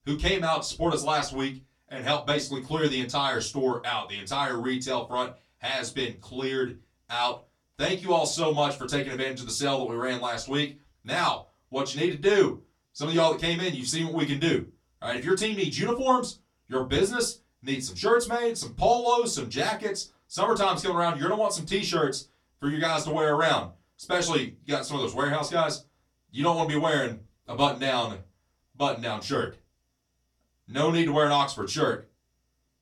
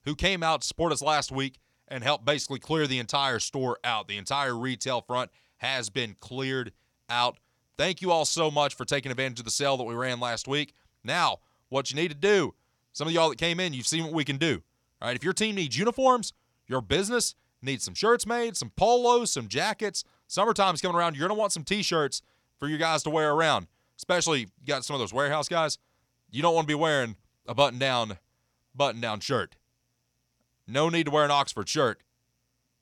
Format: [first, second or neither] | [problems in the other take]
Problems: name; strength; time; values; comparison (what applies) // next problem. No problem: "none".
second | off-mic speech; far // room echo; very slight; dies away in 0.2 s